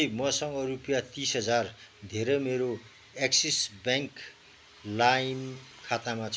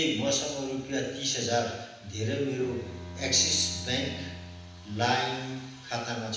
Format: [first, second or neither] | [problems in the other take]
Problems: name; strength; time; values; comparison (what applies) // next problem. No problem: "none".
first | background sound (Bowed string instrument); 13 dB below the speech // room echo; dies away in 1.1 s